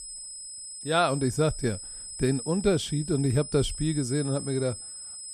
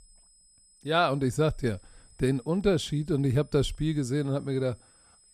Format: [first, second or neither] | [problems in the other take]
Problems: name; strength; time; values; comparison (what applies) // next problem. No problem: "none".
second | high-pitched whine; loud; throughout; 8 kHz, 10 dB below the speech; faint in the second